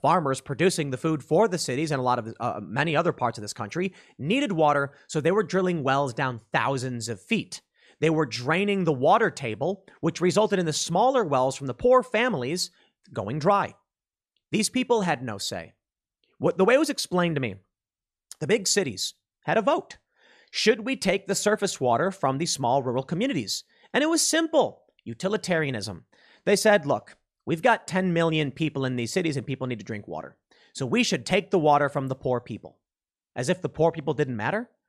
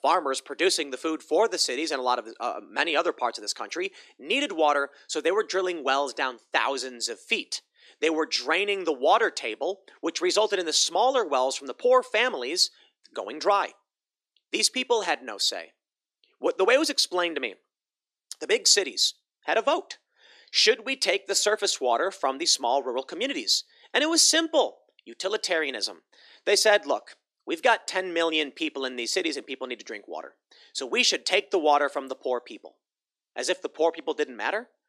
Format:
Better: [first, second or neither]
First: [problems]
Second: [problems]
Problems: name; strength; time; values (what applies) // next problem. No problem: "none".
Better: first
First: none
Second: thin; somewhat; fading below 300 Hz